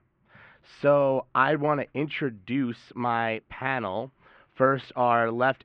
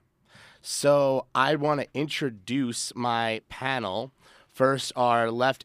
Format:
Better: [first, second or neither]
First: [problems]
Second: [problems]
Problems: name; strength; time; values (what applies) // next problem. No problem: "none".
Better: second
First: muffled; very; fading above 2.5 kHz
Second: none